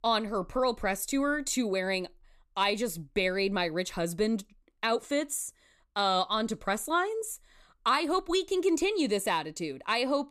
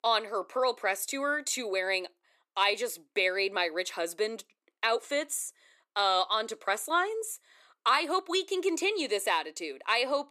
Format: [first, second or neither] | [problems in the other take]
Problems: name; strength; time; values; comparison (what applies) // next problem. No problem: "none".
first | thin; somewhat; fading below 350 Hz